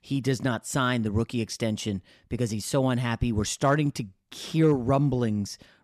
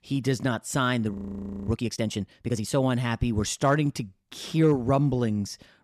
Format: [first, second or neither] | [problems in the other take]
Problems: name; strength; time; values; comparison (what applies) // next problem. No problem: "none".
first | audio freezing; at 1 s for 0.5 s